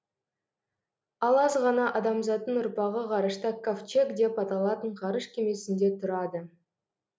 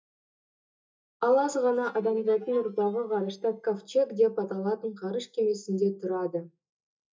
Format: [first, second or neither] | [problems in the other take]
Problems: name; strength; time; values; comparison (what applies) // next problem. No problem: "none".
first | noise reduction (neural mask model DeepFilterNet 3)